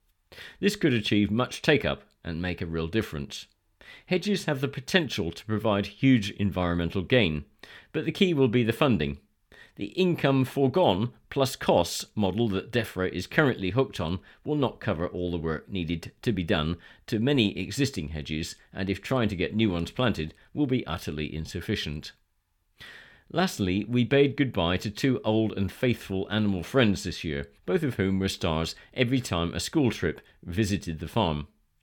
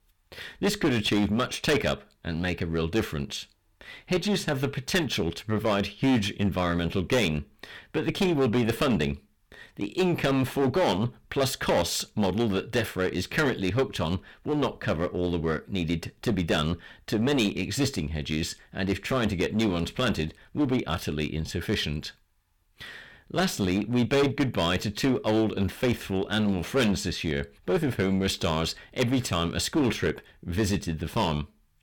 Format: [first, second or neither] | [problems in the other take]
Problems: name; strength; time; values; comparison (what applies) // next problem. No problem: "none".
first | distortion; heavy; 10% of the sound clipped